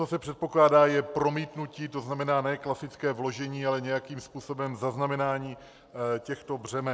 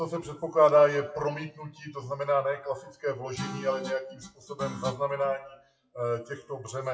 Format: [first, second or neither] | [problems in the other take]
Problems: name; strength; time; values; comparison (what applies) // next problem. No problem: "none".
first | noise reduction (classical method WPE with log-MMSE)